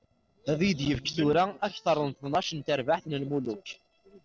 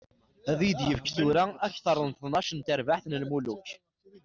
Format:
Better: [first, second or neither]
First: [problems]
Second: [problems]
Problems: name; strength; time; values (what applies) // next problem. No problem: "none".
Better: second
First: noise reduction (neural separator model SepFormer DNS4)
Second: none